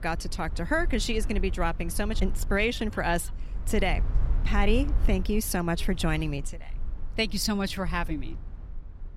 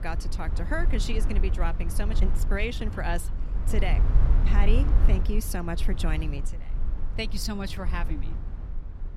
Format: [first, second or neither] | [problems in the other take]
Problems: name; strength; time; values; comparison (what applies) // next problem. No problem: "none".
first | low rumble; loud; throughout; 9 dB below the speech; faint in the first